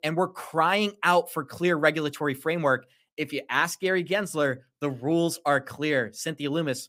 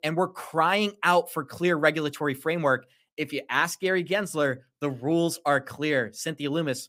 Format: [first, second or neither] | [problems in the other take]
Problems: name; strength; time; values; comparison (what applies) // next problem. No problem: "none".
neither | none